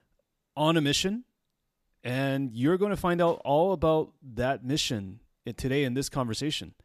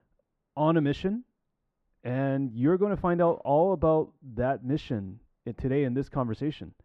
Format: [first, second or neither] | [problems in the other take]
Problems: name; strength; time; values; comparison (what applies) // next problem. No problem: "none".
first | muffled; very; fading above 3.5 kHz